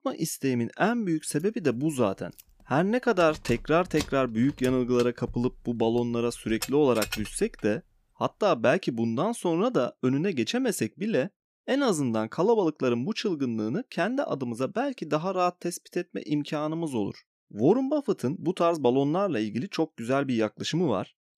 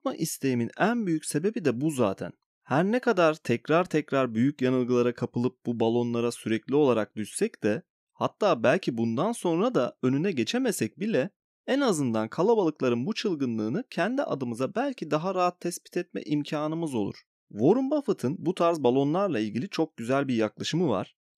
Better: second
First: jangling keys; noticeable; from 2.5 to 7.5 s; peak 6 dB below the speech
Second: none

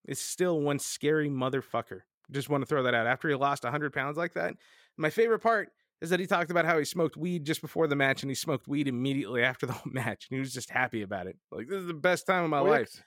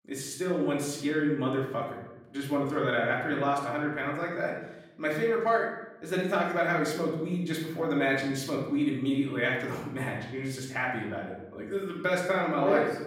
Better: first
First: none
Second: off-mic speech; far // room echo; noticeable; dies away in 0.8 s

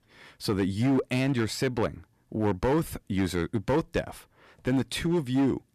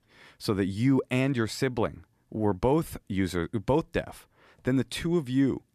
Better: second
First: distortion; slight; 8% of the sound clipped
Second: none

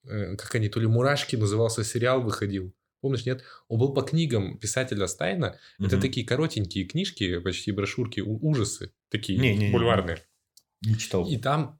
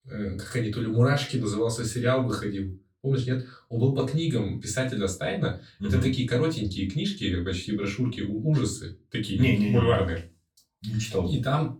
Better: first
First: none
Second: off-mic speech; far // room echo; very slight; dies away in 0.2 s

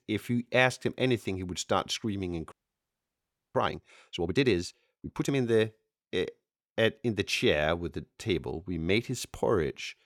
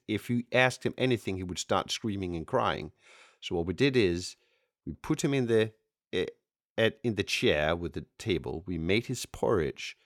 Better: second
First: audio freezing; at 2.5 s for 1 s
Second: none

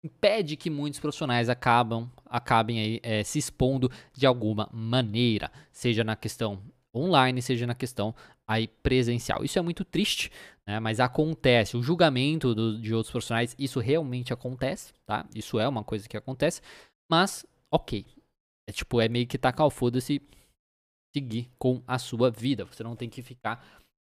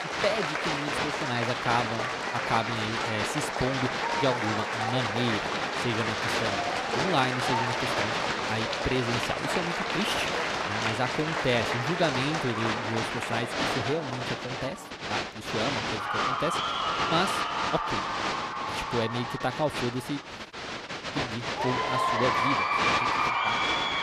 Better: first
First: none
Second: crowd noise; very loud; throughout; 4 dB above the speech

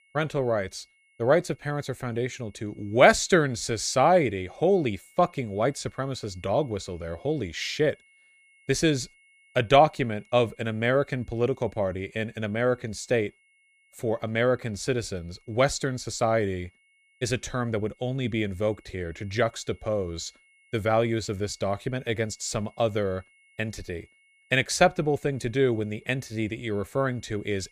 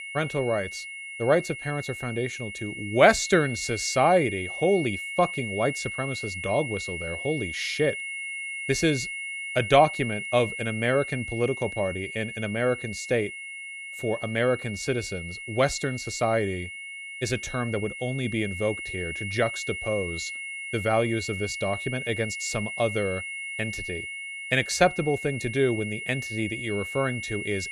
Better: first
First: high-pitched whine; faint; throughout; 2 kHz, 35 dB below the speech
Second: high-pitched whine; loud; throughout; 2 kHz, 7 dB below the speech

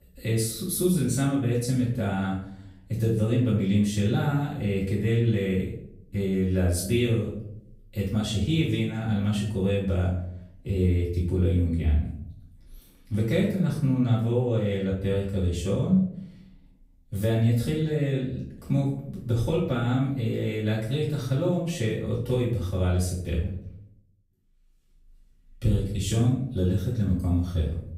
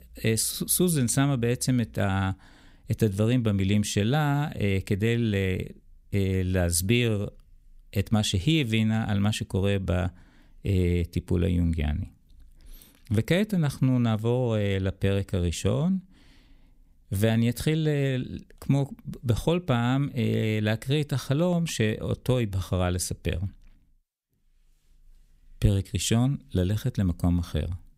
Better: second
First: off-mic speech; far // room echo; noticeable; dies away in 0.6 s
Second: none

